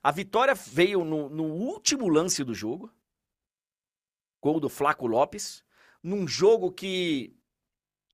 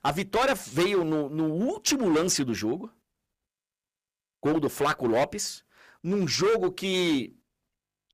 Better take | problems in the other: first | distortion; heavy; 10% of the sound clipped

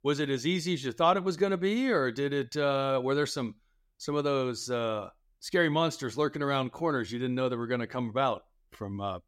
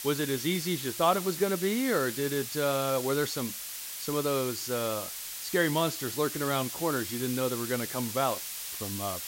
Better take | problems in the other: first | hiss; loud; throughout; 5 dB below the speech

